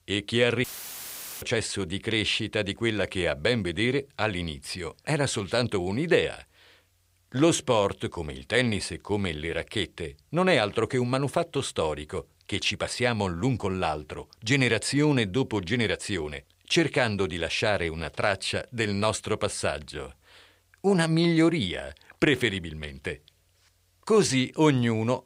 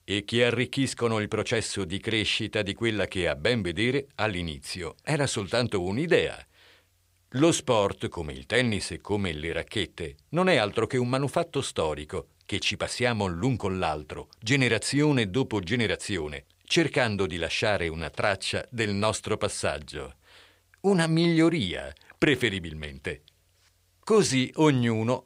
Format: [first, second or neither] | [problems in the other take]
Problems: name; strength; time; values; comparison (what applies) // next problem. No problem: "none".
second | audio cutting out; filled with static; at 0.5 s for 1 s